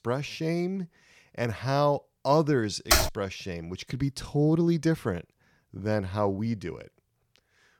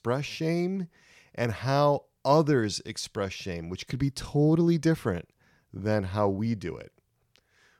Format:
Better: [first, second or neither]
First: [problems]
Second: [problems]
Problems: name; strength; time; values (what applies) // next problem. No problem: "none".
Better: second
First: keyboard typing; loud; at 3 s; peak 5 dB above the speech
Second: none